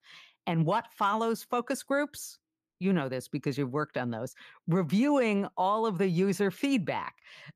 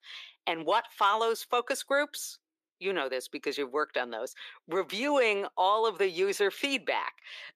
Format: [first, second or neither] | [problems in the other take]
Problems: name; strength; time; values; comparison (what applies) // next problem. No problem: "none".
first | thin; somewhat; fading below 400 Hz